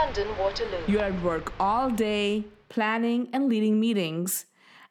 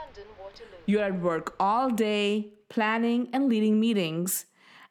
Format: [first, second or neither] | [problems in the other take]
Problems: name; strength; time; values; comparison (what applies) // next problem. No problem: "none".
second | train or aircraft noise; loud; until 2 s; 5 dB below the speech; faint in the second